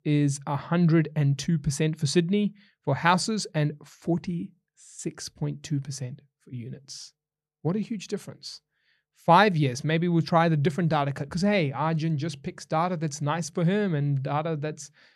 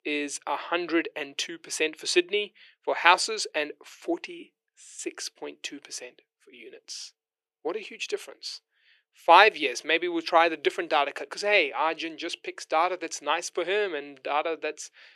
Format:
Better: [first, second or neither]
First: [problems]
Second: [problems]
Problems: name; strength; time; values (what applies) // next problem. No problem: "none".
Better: first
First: none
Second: thin; very; fading below 350 Hz